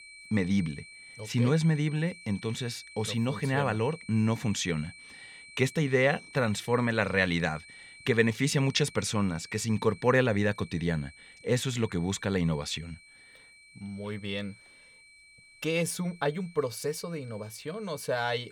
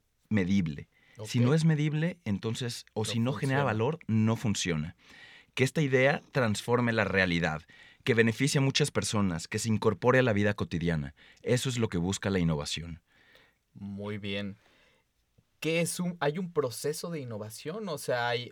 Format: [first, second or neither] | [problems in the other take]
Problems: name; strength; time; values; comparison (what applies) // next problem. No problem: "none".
second | high-pitched whine; noticeable; throughout; 2.5 kHz, 20 dB below the speech